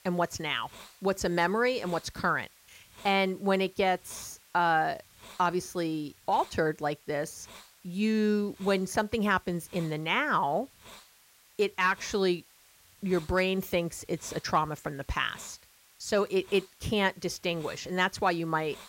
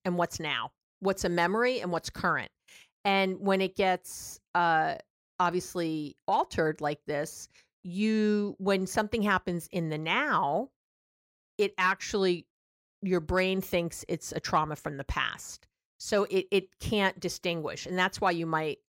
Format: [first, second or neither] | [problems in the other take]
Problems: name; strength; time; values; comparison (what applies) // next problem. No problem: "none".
second | hiss; faint; throughout; 25 dB below the speech